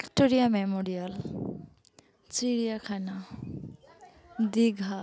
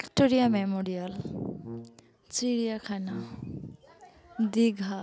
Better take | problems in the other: first | background sound (Brass instrument); 15 dB below the speech

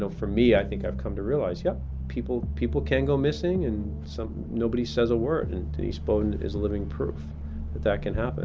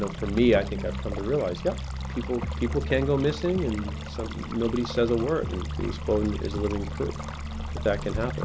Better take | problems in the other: first | background sound (Stream); 15 dB below the speech

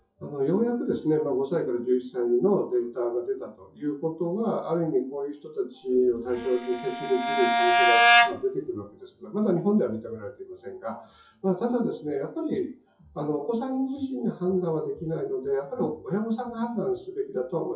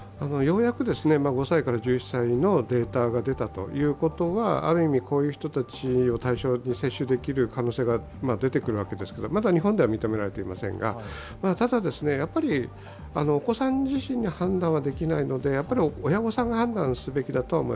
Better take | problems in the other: second | noise reduction (classical method WPE with log-MMSE)

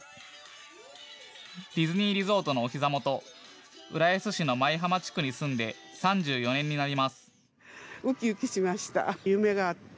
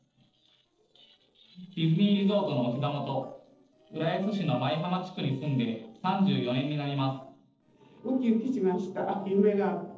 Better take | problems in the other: first | noise reduction (neural separator model SepFormer DNS4)

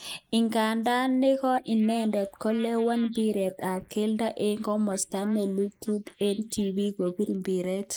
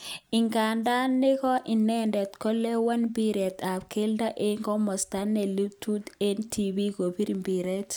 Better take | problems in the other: second | noise reduction (neural mask model Resemble Enhance denoiser)

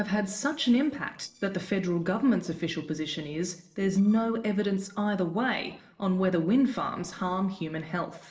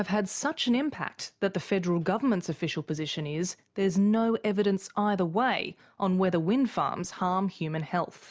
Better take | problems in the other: second | noise reduction (neural separator model SepFormer DNS4)

